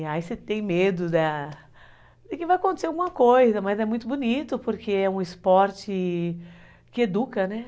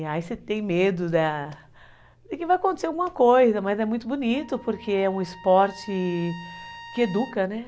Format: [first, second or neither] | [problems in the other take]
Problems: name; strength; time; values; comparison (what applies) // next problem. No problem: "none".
first | background sound (Trumpet); 19 dB below the speech